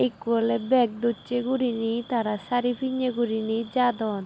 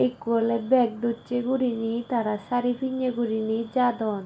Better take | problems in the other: first | room echo; dies away in 0.3 s

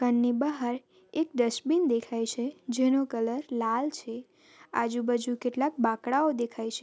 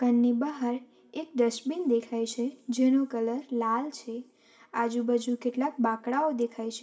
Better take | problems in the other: first | room echo; dies away in 0.4 s

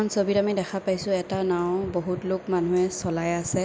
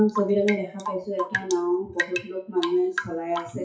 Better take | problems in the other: first | noise reduction (classical method WPE with log-MMSE)

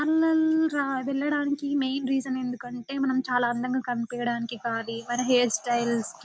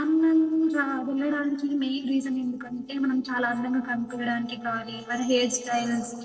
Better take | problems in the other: first | noise reduction (neural separator model SepFormer DNS4)

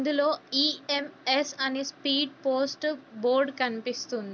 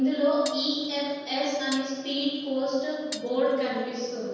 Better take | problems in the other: first | background sound (Glass); 18 dB below the speech // room echo; dies away in 1.2 s

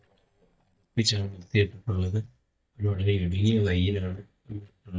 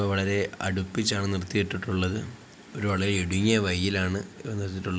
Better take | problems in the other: second | noise reduction (neural mask model DeepFilterNet 3)

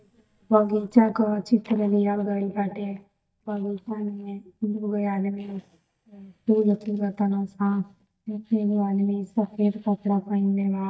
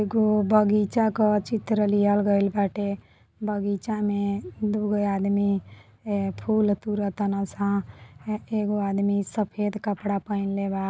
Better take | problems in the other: second | noise reduction (neural mask model DeepFilterNet 3)

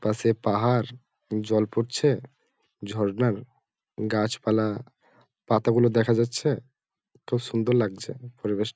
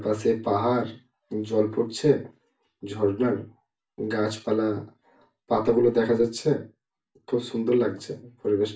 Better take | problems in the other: first | room echo; dies away in 0.3 s

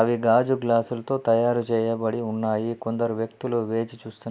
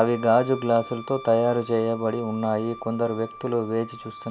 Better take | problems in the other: first | background sound (Wind instrument, woodwind instrument); 17 dB below the speech

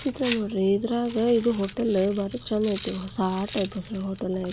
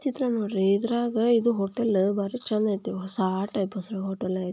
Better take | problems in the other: second | background sound (Rattle); 15 dB below the speech

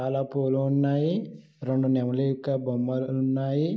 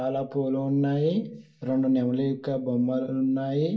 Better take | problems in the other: first | room echo; dies away in 0.2 s

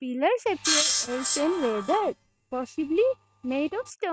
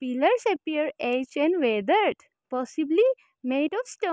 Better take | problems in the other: second | noise reduction (neural mask model RNNoise)

